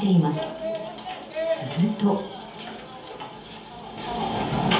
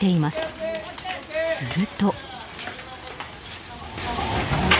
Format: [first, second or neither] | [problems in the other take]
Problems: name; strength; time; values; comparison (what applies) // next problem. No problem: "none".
second | room echo; dies away in 0.7 s